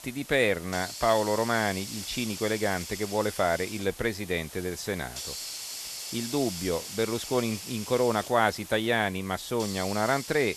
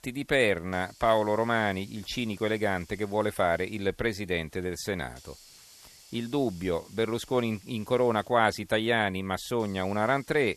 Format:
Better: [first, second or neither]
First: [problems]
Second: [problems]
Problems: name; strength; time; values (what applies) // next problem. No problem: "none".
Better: second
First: hiss; loud; throughout; 9 dB below the speech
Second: hiss; faint; throughout; 25 dB below the speech